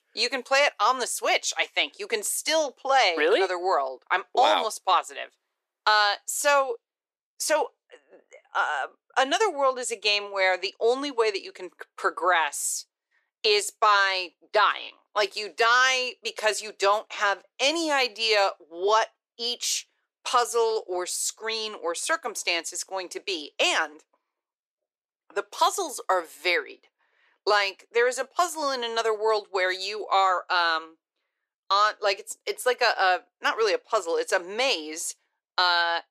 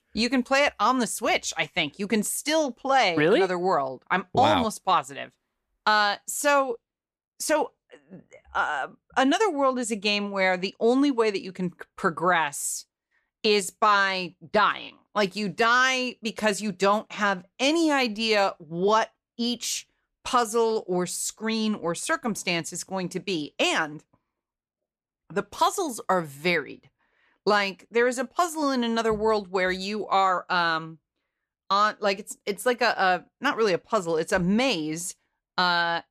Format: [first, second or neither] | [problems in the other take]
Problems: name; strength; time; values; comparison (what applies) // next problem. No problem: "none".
second | thin; very; fading below 350 Hz